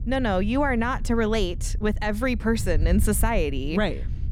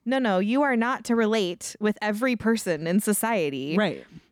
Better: second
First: wind noise on the microphone; occasional gusts; 20 dB below the speech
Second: none

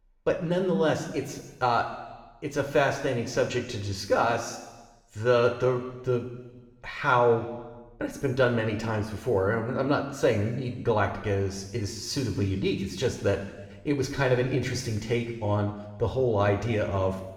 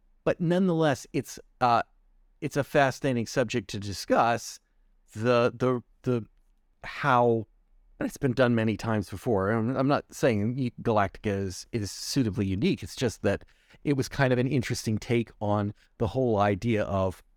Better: second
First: room echo; noticeable; dies away in 1.1 s // off-mic speech; somewhat distant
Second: none

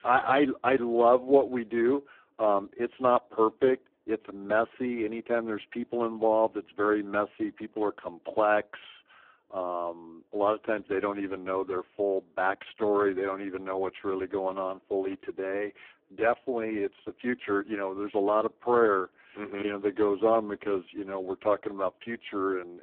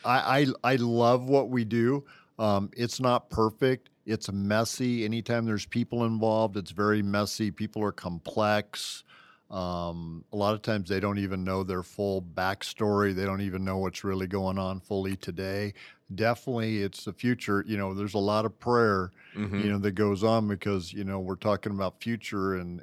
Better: second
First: phone-call audio; poor line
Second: none

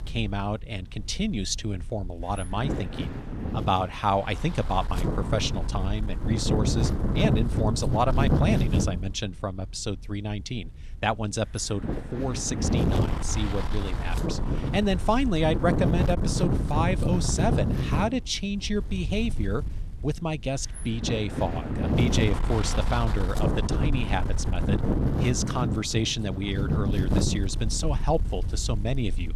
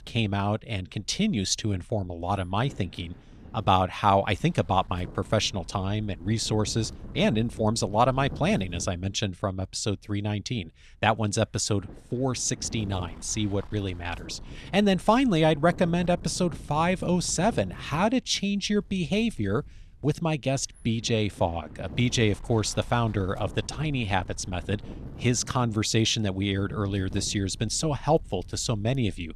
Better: second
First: wind noise on the microphone; heavy; 5 dB below the speech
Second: wind noise on the microphone; occasional gusts; 25 dB below the speech

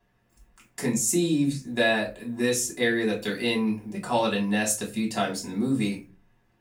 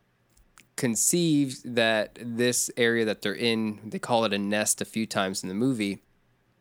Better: second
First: off-mic speech; far // room echo; very slight; dies away in 0.3 s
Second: none

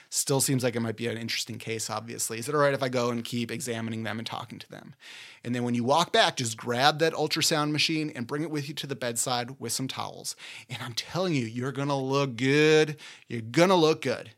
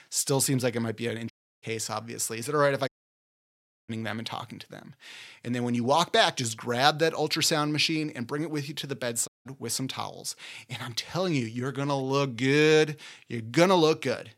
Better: first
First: none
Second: audio cutting out; at 1.5 s, at 3 s for 1 s and at 9.5 s

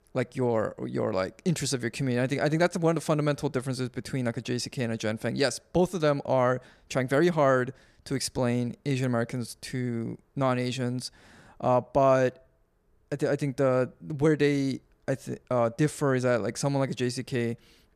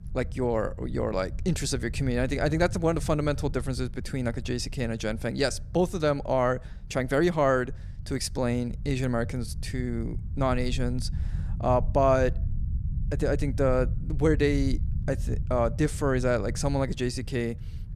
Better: first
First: none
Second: low rumble; faint; throughout; 20 dB below the speech

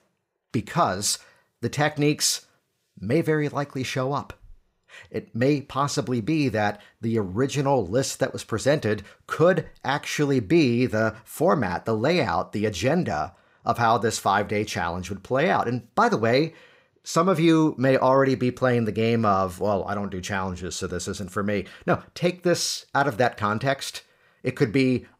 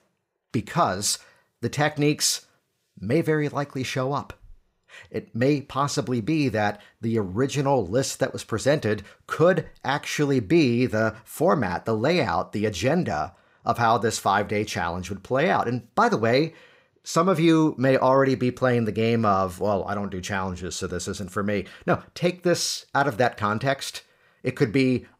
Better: neither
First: none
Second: none

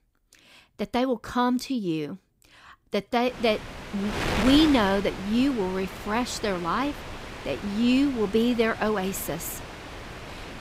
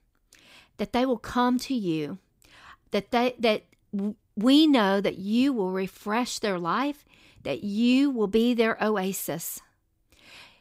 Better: second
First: wind noise on the microphone; heavy; from 3.5 s on; 8 dB below the speech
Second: none

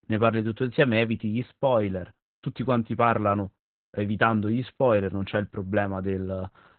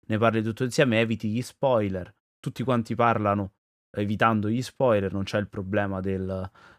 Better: second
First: garbled, watery; badly; nothing above 4 kHz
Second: none

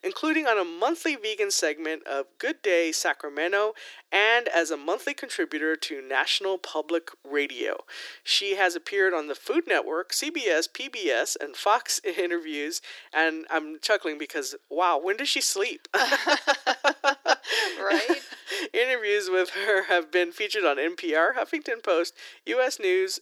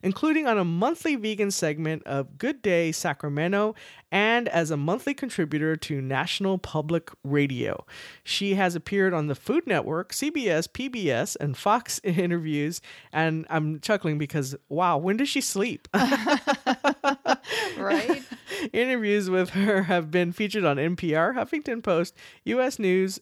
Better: second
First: thin; very; fading below 350 Hz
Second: none

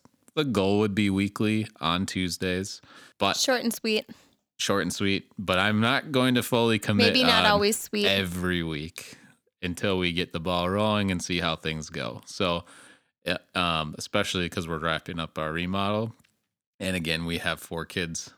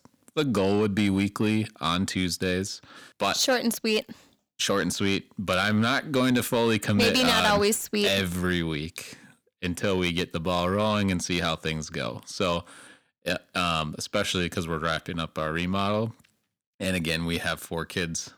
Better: first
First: none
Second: distortion; slight; 10 dB below the speech

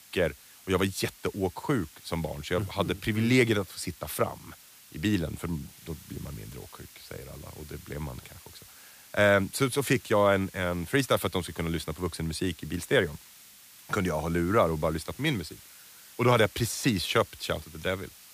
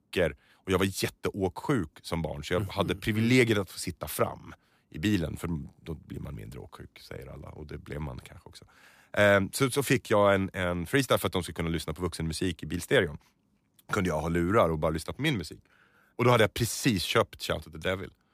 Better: second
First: hiss; faint; throughout; 20 dB below the speech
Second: none

